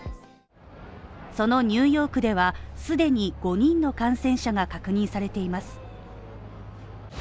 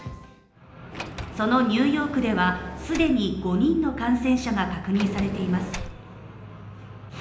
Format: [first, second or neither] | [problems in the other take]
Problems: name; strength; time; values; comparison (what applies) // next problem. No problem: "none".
first | background sound (Sliding door); 14 dB below the speech // room echo; dies away in 0.9 s